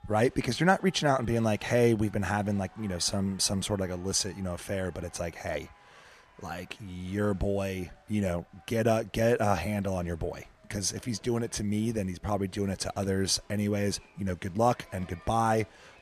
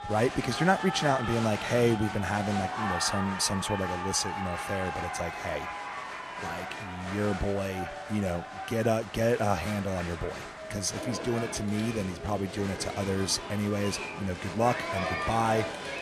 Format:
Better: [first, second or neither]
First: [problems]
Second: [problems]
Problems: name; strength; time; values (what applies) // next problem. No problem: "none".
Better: first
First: crowd noise; faint; throughout; 25 dB below the speech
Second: crowd noise; loud; throughout; 6 dB below the speech